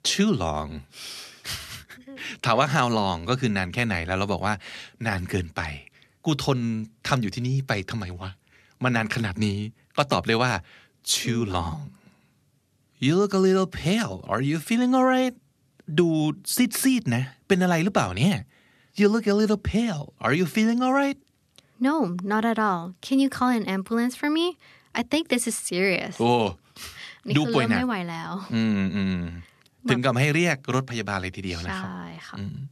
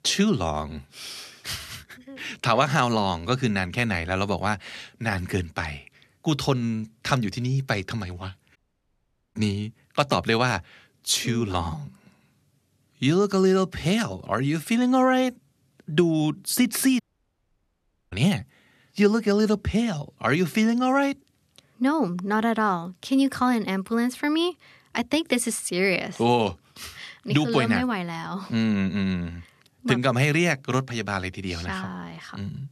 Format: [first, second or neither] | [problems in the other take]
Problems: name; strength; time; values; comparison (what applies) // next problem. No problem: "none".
first | audio cutting out; at 8.5 s for 1 s and at 17 s for 1 s